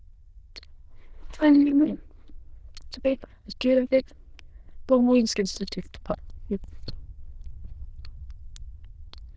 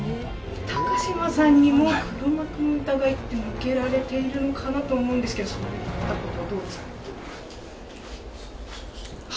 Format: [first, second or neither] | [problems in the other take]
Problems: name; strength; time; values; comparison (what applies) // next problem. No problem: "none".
second | noise reduction (neural diffusion model UNIVERSE++)